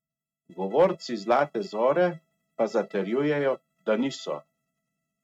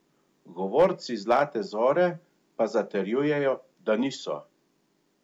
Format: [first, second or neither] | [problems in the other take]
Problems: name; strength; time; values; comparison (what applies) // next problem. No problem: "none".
second | noise reduction (neural mask model RNNoise)